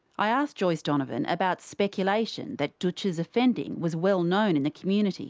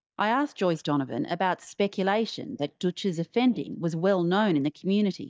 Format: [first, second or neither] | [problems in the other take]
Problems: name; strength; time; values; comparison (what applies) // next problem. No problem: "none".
first | noise reduction (neural mask model DeepFilterNet 3)